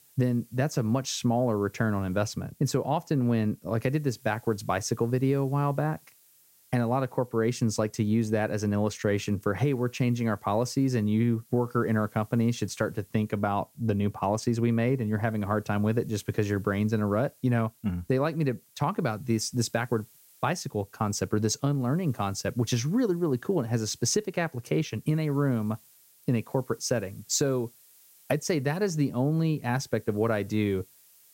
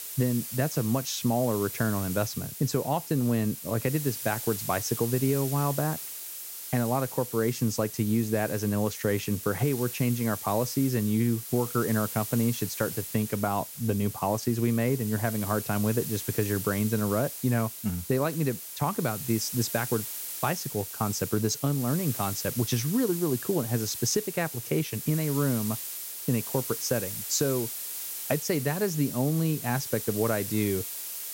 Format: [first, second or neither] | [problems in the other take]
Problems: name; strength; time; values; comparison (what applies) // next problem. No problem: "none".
first | hiss; loud; throughout; 6 dB below the speech; faint in the first